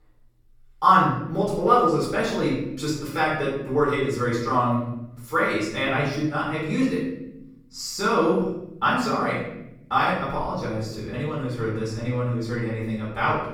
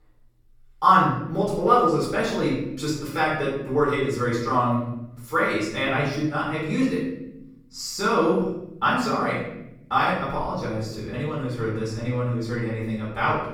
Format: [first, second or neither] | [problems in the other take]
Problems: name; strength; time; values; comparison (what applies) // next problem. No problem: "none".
neither | room echo; noticeable; dies away in 0.9 s; the same in both // off-mic speech; far; the same in both